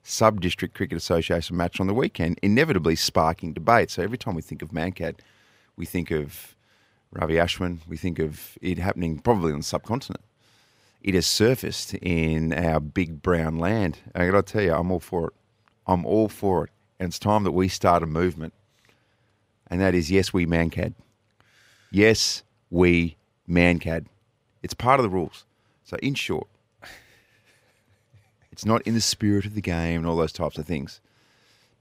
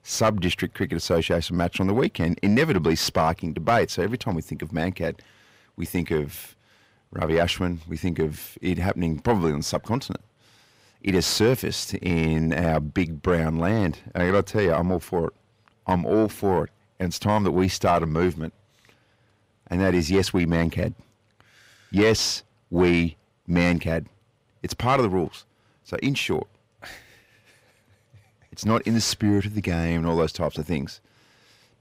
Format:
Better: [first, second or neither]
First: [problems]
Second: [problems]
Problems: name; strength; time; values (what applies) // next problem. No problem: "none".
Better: first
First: none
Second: distortion; slight; 10 dB below the speech